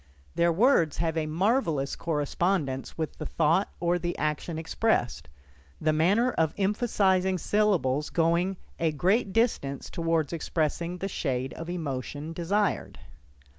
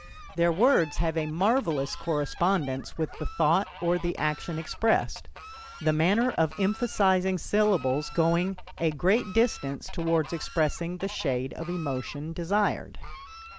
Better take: first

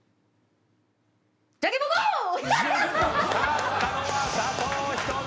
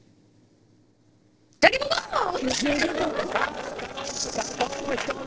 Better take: first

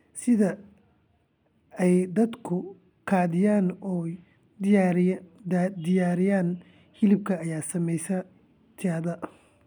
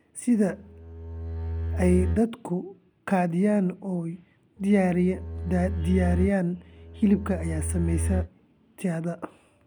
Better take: first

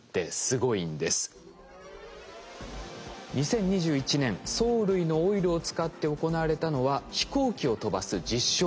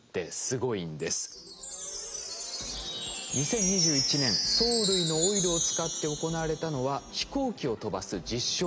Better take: first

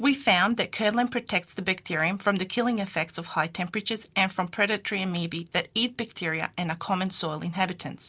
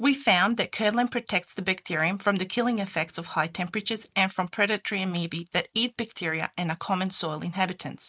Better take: first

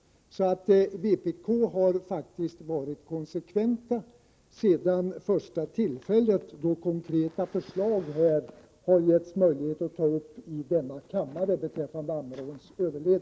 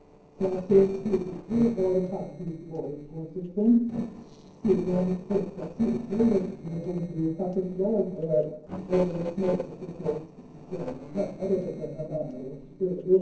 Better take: first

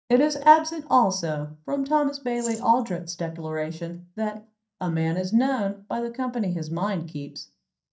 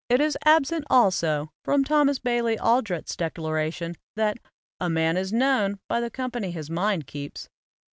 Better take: second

